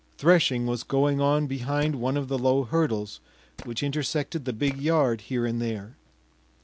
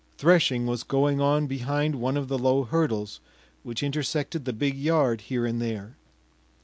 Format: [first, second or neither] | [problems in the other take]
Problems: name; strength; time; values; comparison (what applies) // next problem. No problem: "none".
second | background sound (Tools); 19 dB below the speech